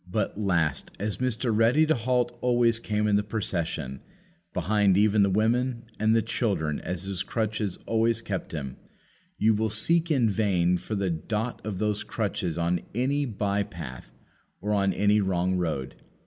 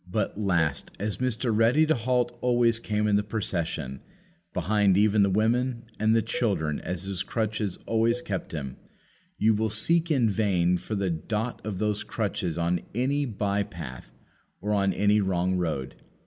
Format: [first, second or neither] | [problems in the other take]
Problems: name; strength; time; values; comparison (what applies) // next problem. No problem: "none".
first | background sound (Cowbell); 19 dB below the speech